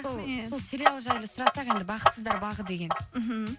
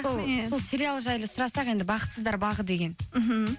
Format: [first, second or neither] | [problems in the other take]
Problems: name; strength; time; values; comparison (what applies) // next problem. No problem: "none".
second | background sound (Clock); 4 dB above the speech